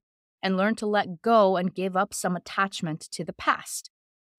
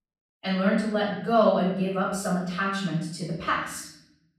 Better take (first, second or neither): first